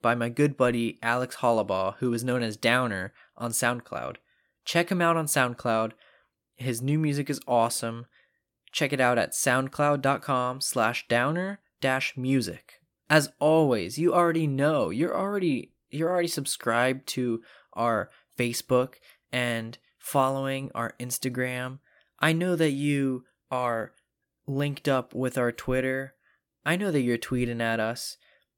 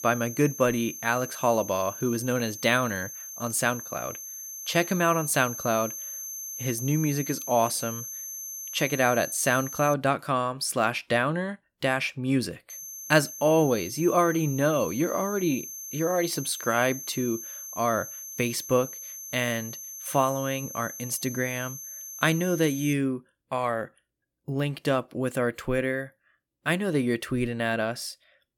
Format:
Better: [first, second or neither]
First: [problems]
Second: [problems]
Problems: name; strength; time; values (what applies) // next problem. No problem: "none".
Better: first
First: none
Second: high-pitched whine; loud; until 10 s and from 13 to 23 s; 6.5 kHz, 9 dB below the speech